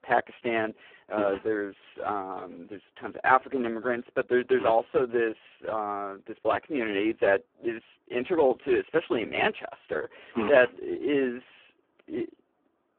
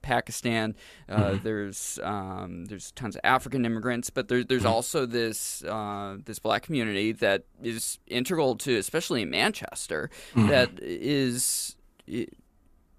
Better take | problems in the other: second | phone-call audio; poor line

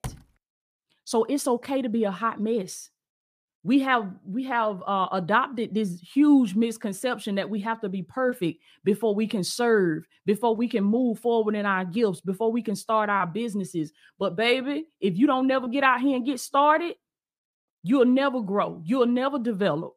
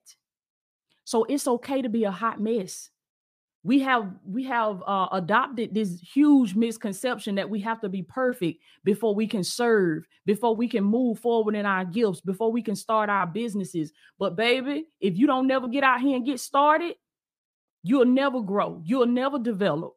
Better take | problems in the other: second | door banging; faint; at the start; peak 15 dB below the speech

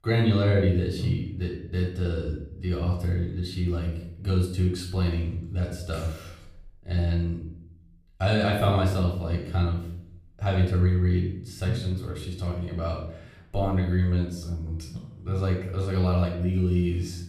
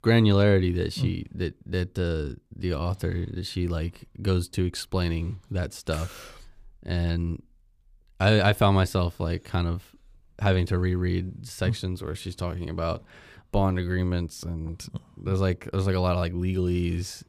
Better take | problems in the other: second | off-mic speech; far // room echo; noticeable; dies away in 0.6 s

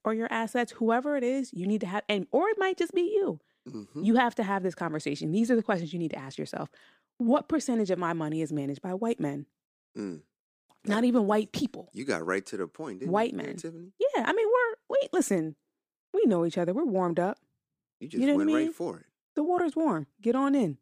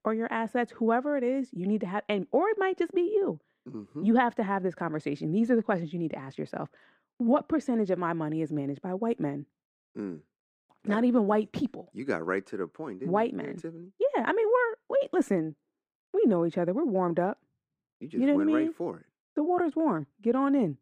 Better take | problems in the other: first | muffled; slightly; fading above 3 kHz

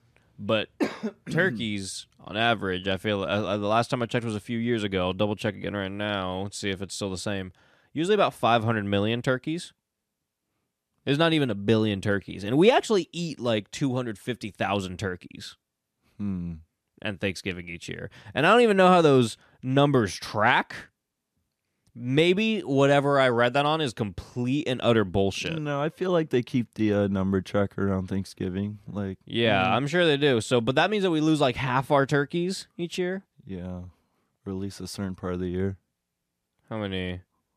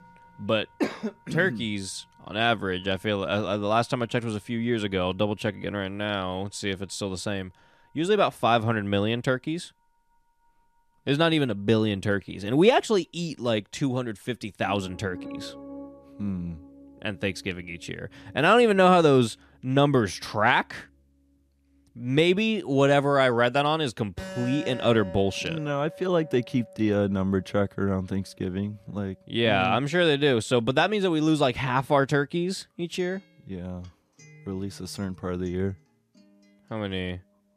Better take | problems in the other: first | background music; noticeable; throughout; 20 dB below the speech

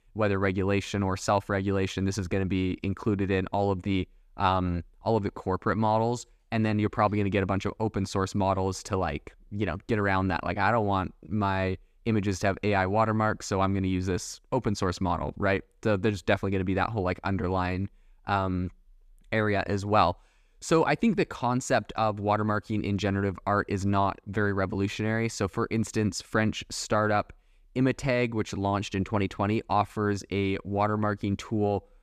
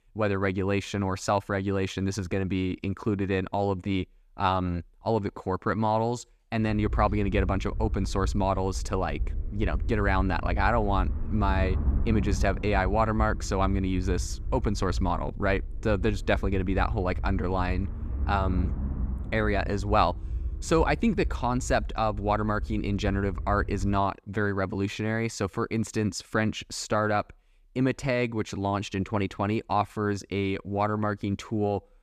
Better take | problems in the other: first | low rumble; faint; from 6.5 to 24 s; 20 dB below the speech

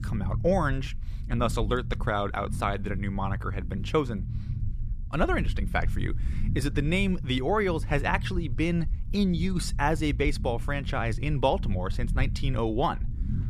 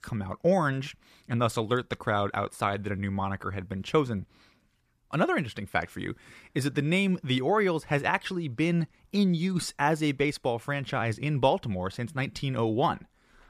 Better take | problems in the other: second | low rumble; noticeable; throughout; 20 dB below the speech

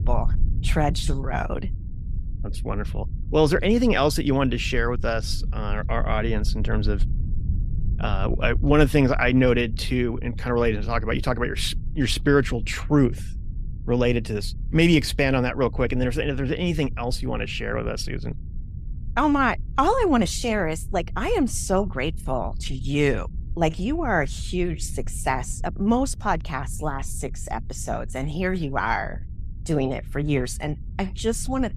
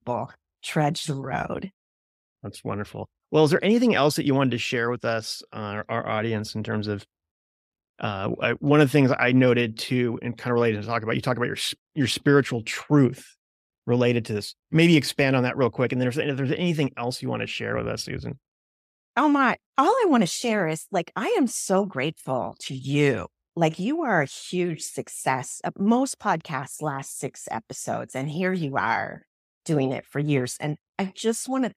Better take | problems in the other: second | low rumble; faint; throughout; 25 dB below the speech

